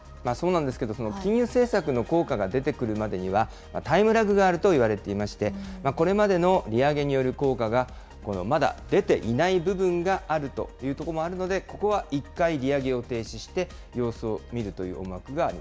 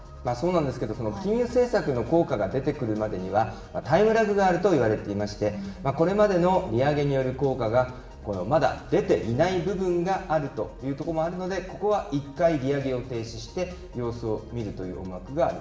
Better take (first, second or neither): first